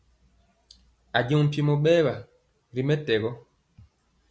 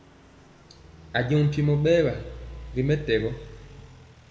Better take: first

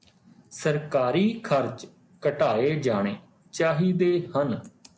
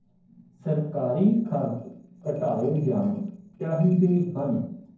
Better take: first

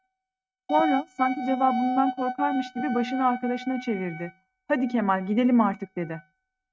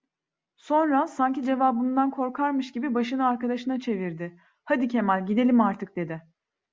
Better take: second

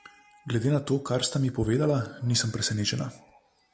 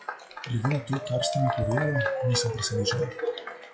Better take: first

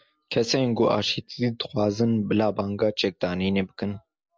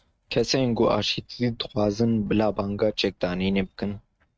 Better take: first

